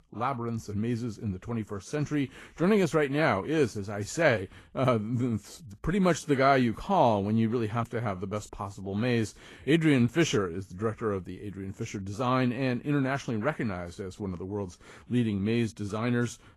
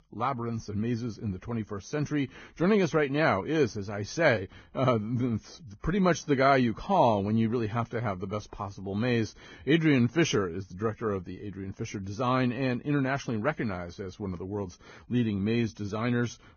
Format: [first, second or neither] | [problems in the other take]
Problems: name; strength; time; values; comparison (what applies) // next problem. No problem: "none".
first | garbled, watery; badly; nothing above 6.5 kHz; slightly in the first